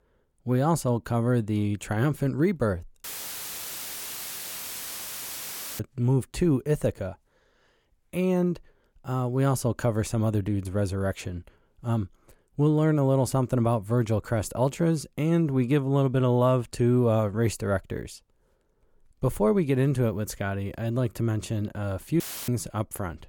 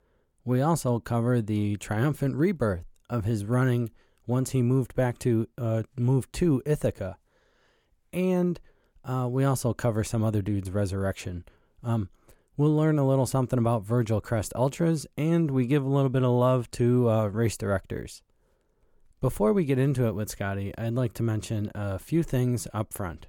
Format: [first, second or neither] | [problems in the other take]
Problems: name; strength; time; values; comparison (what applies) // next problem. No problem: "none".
second | audio cutting out; filled with static; at 3 s for 3 s and at 22 s